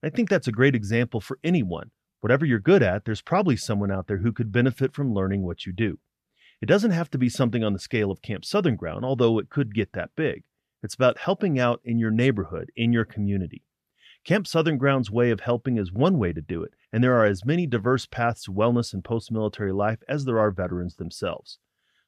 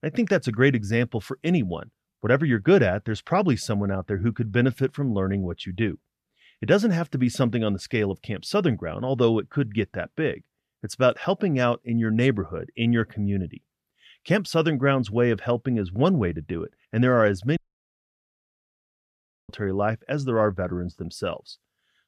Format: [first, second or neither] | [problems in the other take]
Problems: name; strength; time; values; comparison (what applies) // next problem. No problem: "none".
first | audio cutting out; at 18 s for 2 s